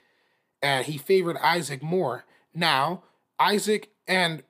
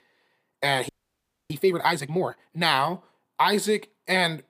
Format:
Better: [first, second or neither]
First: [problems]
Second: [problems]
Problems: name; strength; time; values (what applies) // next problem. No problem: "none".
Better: first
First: none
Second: audio freezing; at 1 s for 0.5 s